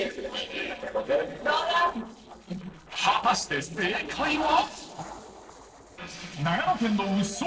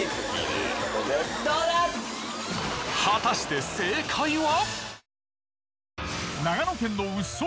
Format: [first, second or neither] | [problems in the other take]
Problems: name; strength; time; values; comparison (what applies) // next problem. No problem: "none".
second | noise reduction (neural separator model SepFormer DNS4)